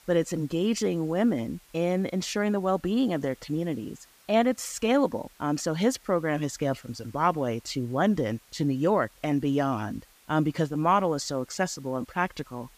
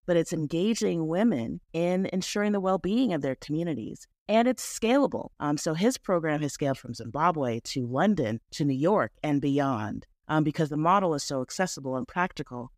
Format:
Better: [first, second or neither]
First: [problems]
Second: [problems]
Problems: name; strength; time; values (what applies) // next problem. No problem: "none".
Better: second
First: hiss; faint; throughout; 30 dB below the speech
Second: none